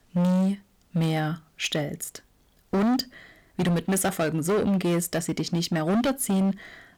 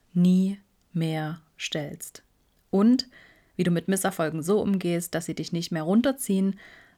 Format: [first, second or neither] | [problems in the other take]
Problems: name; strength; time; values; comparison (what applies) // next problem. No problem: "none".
second | distortion; heavy; 17% of the sound clipped